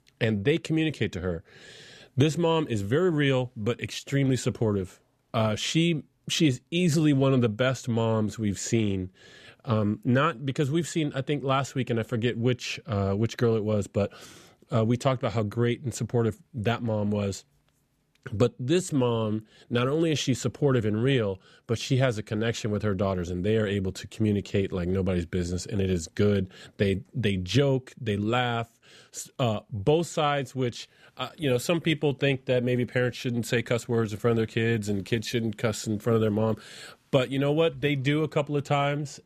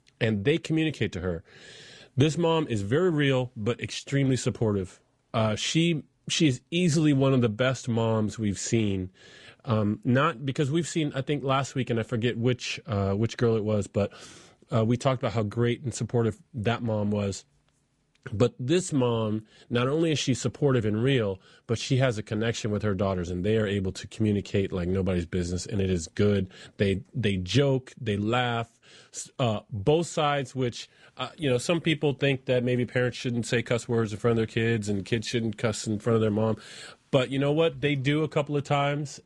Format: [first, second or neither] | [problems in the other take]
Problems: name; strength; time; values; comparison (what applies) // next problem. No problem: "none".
first | garbled, watery; slightly